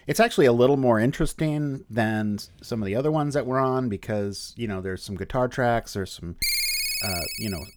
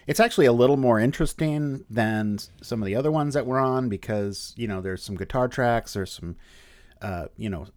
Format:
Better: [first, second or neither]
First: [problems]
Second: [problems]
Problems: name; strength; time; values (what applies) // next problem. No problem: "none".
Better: second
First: phone ringing; loud; from 6.5 s on; peak 3 dB above the speech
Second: none